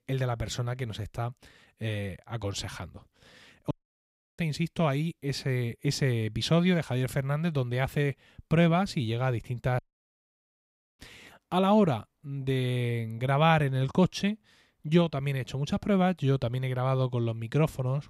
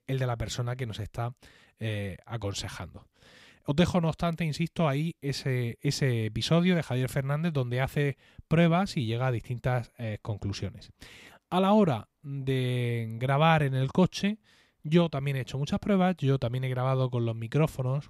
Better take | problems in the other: second | audio cutting out; at 3.5 s for 0.5 s and at 10 s for 1 s

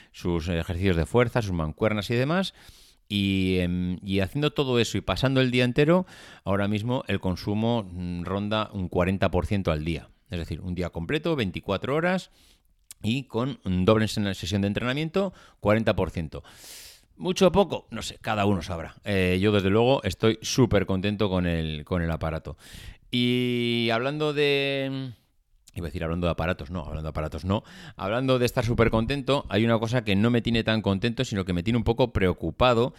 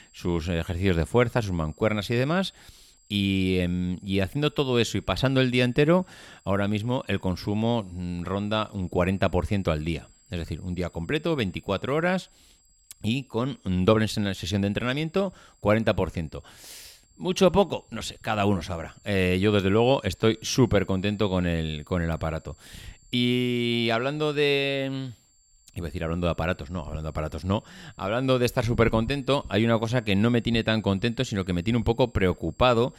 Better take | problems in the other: first | high-pitched whine; faint; throughout; 7.5 kHz, 35 dB below the speech

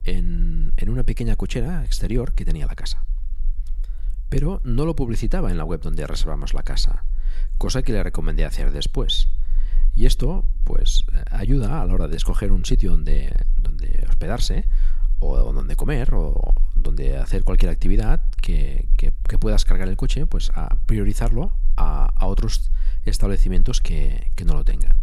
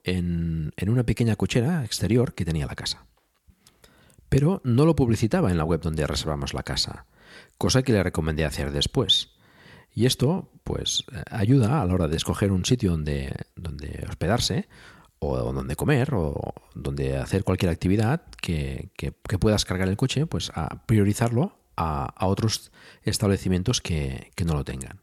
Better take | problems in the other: second | low rumble; faint; throughout; 25 dB below the speech

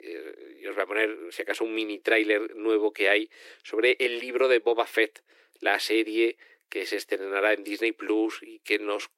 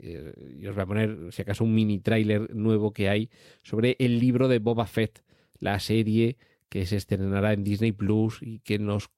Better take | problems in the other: second | thin; very; fading below 300 Hz

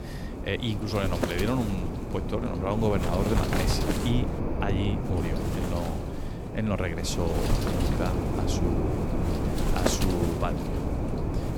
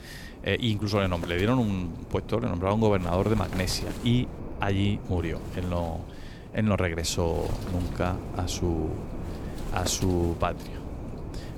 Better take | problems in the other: second | wind noise on the microphone; heavy; as loud as the speech; occasional gusts in the second

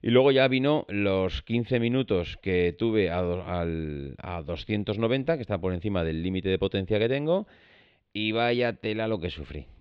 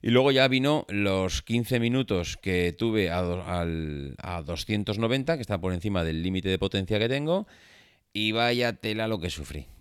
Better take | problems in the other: second | muffled; slightly; fading above 3.5 kHz

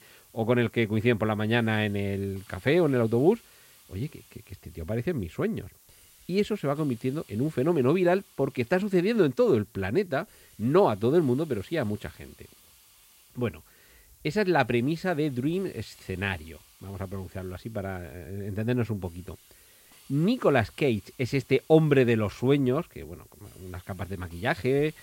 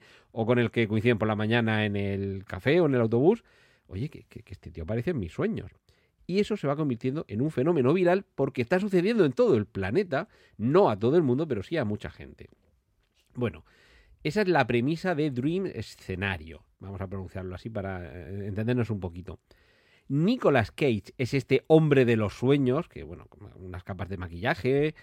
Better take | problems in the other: second | hiss; faint; throughout; 25 dB below the speech

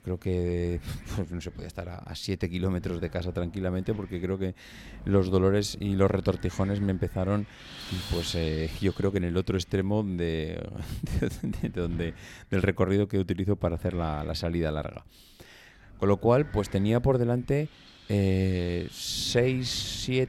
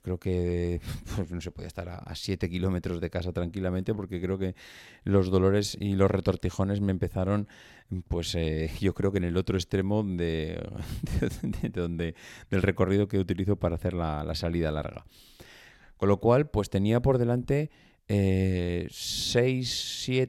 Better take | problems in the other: second | wind noise on the microphone; occasional gusts; 15 dB below the speech

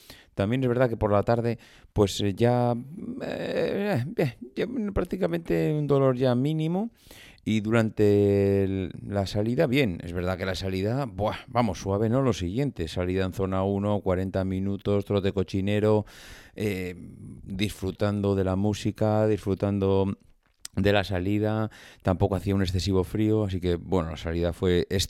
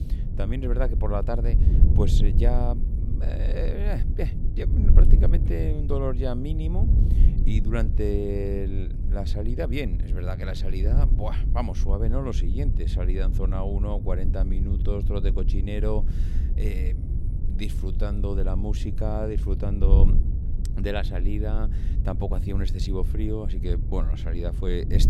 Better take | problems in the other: first | wind noise on the microphone; heavy; 8 dB below the speech

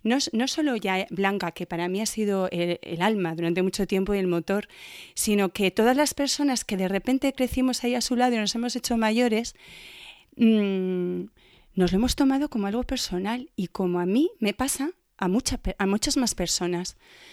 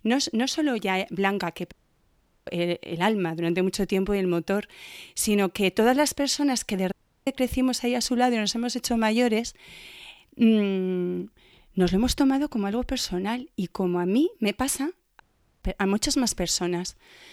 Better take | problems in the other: first | audio cutting out; at 1.5 s for 1 s, at 7 s and at 15 s

